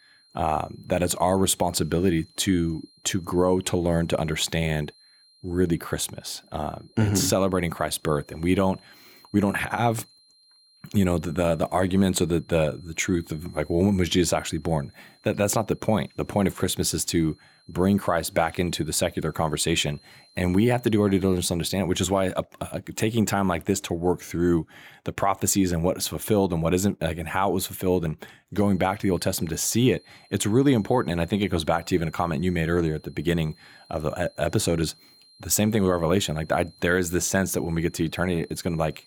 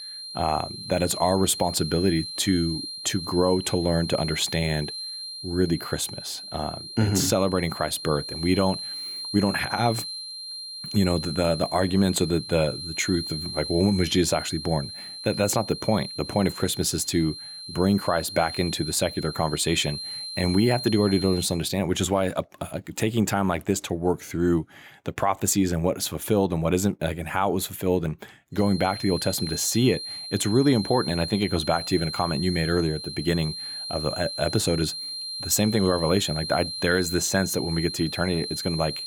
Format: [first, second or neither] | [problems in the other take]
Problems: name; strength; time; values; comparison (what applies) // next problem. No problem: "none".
first | high-pitched whine; loud; until 22 s and from 29 s on; 4 kHz, 8 dB below the speech; faint in the first